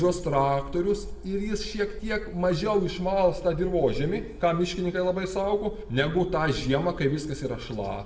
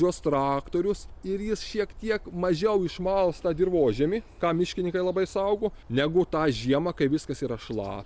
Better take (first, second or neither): second